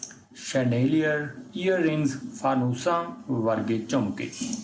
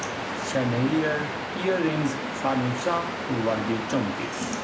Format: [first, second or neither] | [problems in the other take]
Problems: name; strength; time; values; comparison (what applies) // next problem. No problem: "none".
first | background sound (Waves, surf); 4 dB below the speech